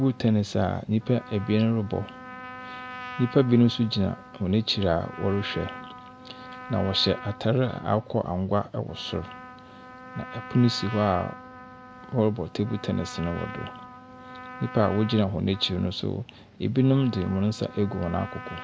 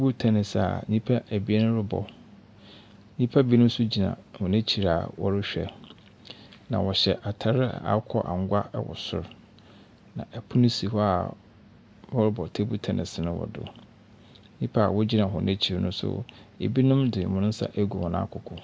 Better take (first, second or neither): second